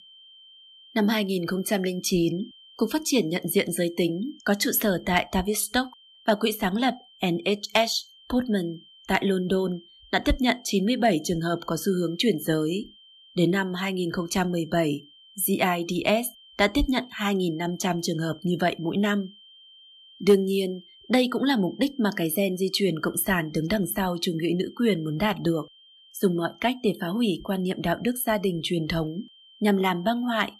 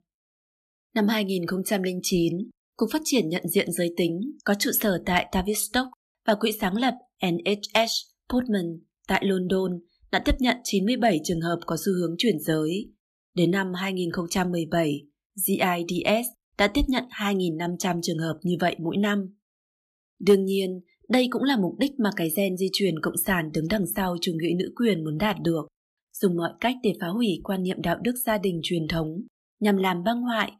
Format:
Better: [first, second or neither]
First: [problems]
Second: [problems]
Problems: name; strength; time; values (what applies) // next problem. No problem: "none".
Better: second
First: high-pitched whine; faint; throughout; 3 kHz, 25 dB below the speech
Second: none